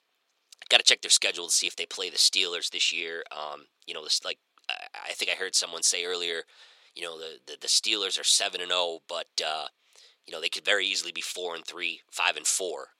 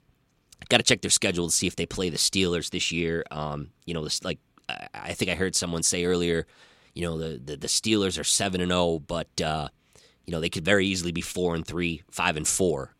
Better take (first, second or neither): second